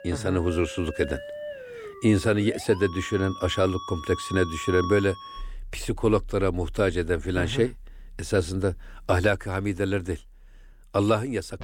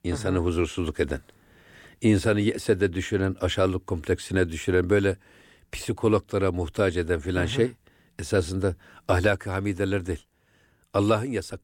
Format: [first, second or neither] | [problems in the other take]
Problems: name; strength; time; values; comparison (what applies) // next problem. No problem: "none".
second | background music; noticeable; throughout; 15 dB below the speech